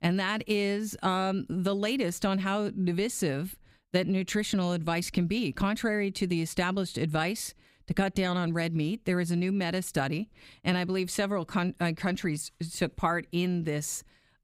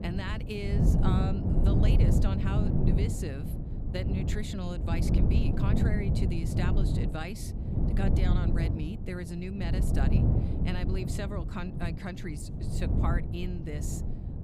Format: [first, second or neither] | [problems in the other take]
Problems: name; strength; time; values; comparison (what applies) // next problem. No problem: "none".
first | wind noise on the microphone; heavy; as loud as the speech